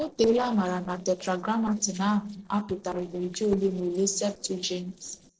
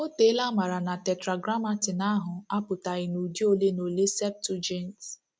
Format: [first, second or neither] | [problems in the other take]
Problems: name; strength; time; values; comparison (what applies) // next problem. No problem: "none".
second | noise reduction (neural separator model SepFormer DNS4)